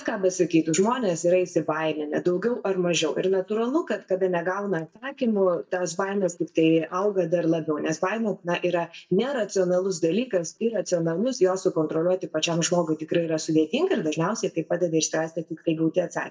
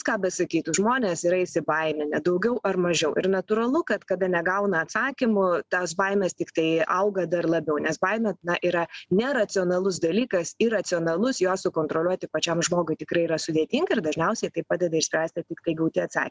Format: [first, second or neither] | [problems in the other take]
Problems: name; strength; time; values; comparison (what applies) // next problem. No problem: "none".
second | noise reduction (neural mask model DeepFilterNet 3)